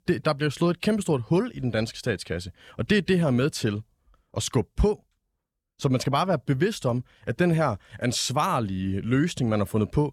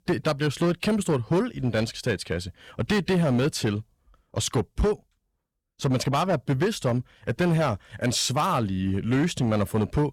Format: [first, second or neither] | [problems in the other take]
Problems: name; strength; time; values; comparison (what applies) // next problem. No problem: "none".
first | distortion; slight; 9% of the sound clipped